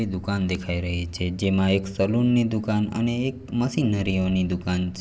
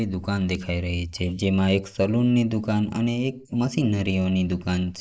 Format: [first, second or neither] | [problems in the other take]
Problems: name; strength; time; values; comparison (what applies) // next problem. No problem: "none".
first | noise reduction (neural mask model Resemble Enhance denoiser)